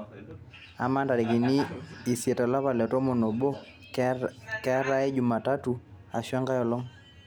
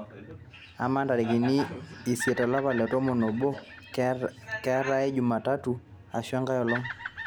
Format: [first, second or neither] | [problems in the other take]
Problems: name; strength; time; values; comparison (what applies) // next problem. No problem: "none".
first | background sound (Bird vocalization, bird call, bird song); 14 dB below the speech